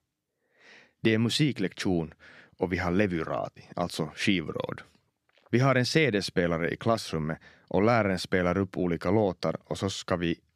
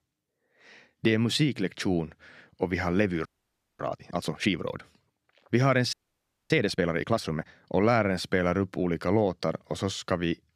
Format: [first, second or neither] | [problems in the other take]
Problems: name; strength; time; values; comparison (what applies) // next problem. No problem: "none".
first | audio freezing; at 3.5 s for 0.5 s and at 6 s for 0.5 s